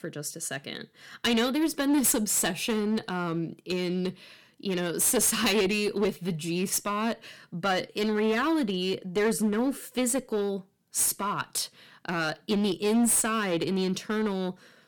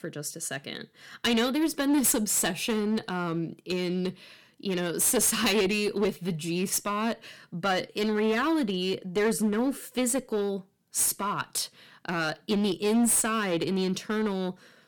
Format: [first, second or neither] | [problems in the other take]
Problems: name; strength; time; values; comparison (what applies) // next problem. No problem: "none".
neither | distortion; slight; 9% of the sound clipped; the same in both